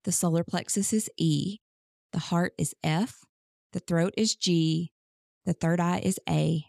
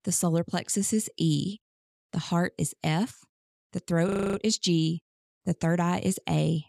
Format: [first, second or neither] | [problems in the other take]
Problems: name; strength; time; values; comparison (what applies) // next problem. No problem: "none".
first | audio freezing; at 4 s